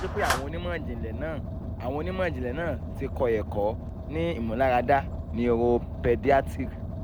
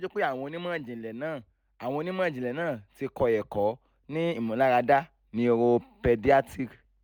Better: second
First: background sound (Clapping + Car); 5 dB below the speech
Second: none

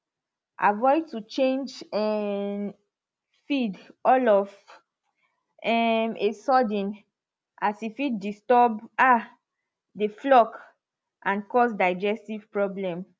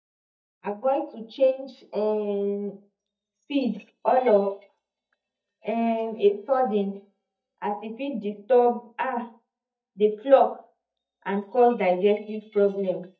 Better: first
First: none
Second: noise reduction (neural mask model DeepFilterNet 3)

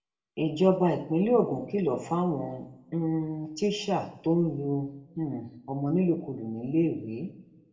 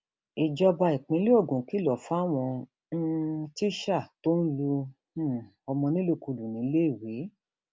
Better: second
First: room echo; dies away in 0.5 s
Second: none

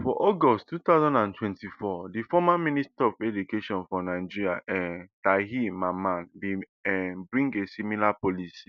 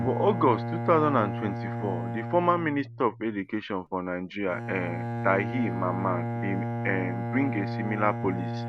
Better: first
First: none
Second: background sound (Bowed string instrument); 4 dB below the speech

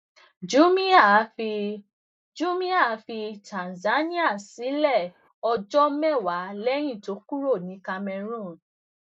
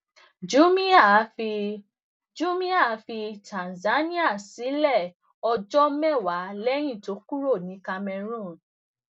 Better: second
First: noise reduction (neural mask model Resemble Enhance denoiser)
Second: none

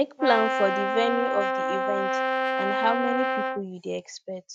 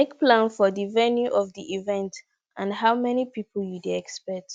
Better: second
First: noise reduction (neural mask model RNNoise)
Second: none

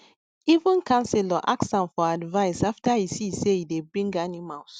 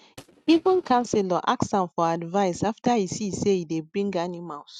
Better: first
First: none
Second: noise reduction (neural mask model RNNoise)

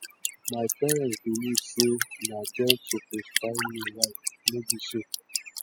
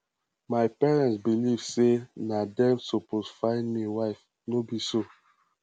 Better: second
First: noise reduction (classical method spectral subtraction)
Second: none

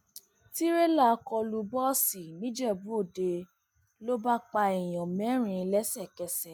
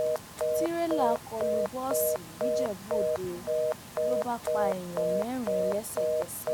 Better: first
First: none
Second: background sound (Telephone); 5 dB above the speech

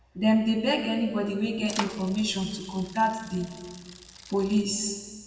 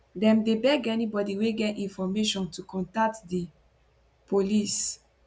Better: second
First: background sound (Bicycle); 14 dB below the speech // room echo; dies away in 1.5 s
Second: none

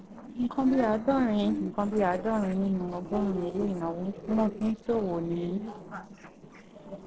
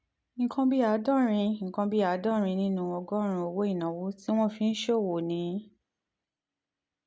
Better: second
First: noise reduction (neural separator model SepFormer DNS4)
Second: none

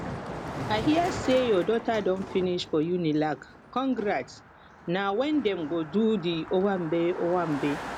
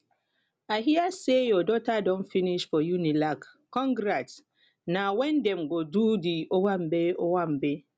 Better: second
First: background sound (Car passing by); 11 dB below the speech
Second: none

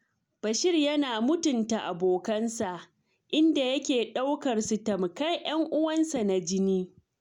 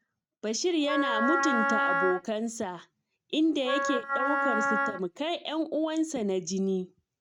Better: first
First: none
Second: noise reduction (neural mask model RNNoise)

